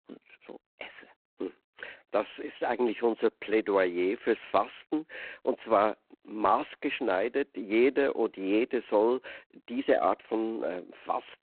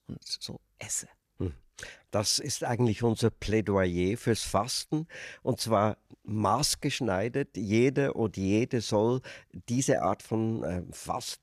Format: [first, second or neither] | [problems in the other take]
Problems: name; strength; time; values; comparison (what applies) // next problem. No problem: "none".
second | phone-call audio; poor line; nothing above 4 kHz